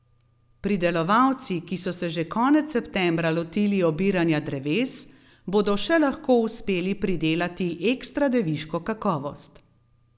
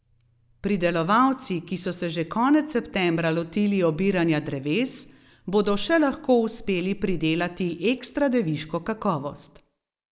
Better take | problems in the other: first | noise reduction (neural mask model Resemble Enhance denoiser)

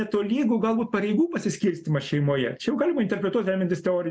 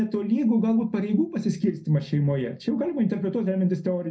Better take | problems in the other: first | room echo; dies away in 0.4 s

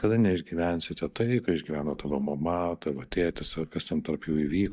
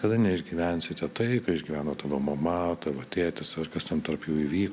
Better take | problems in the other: second | noise reduction (neural mask model DeepFilterNet 3)

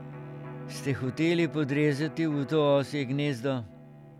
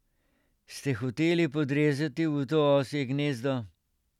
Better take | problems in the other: second | background sound (Electric guitar + Bowed string instrument); 15 dB below the speech

